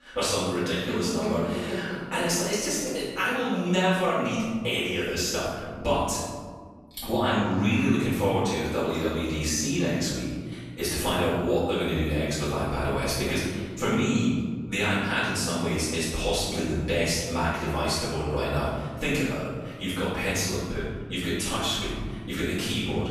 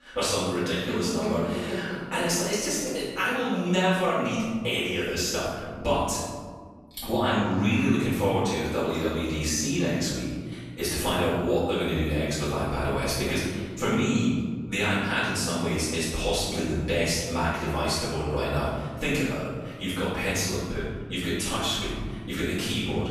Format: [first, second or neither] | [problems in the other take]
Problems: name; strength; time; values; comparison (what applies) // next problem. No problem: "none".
neither | room echo; strong; dies away in 1.6 s; the same in both // off-mic speech; far; the same in both